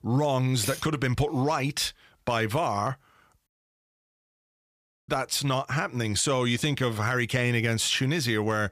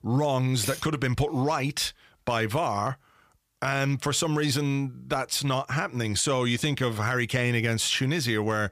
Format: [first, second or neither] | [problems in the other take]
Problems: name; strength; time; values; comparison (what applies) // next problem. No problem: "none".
second | audio cutting out; at 3.5 s for 1.5 s